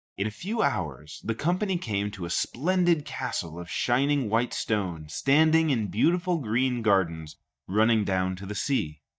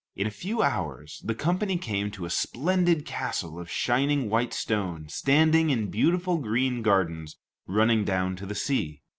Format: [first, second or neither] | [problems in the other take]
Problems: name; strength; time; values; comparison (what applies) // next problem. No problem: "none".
second | noise reduction (neural mask model DeepFilterNet 3)